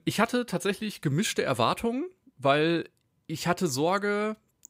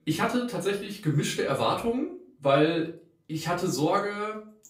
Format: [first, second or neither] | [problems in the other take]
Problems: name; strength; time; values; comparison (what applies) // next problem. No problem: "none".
first | room echo; slight; dies away in 0.3 s // off-mic speech; far